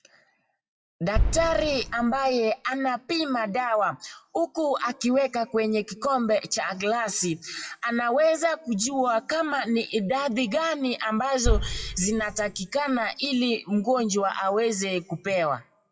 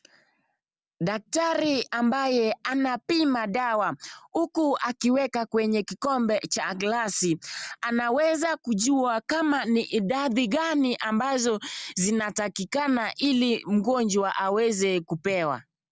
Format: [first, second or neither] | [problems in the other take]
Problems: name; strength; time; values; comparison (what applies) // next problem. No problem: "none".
second | noise reduction (classical method WPE with log-MMSE)